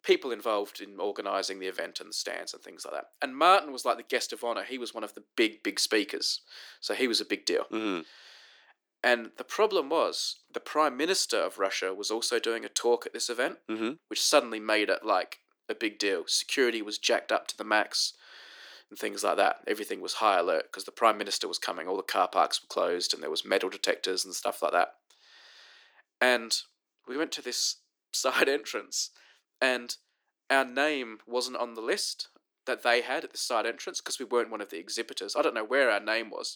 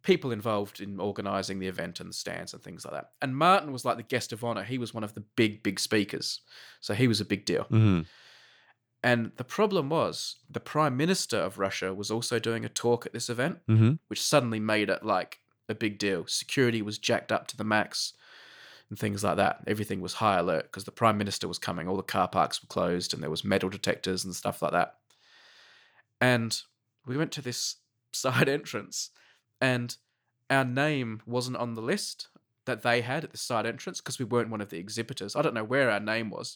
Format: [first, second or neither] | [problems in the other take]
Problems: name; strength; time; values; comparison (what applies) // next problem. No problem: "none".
second | thin; somewhat; fading below 300 Hz